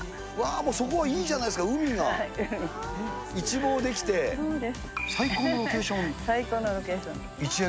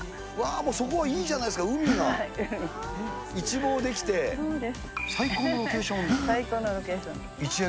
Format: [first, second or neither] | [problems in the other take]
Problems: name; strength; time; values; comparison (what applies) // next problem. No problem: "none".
first | background sound (Gasp); 6 dB below the speech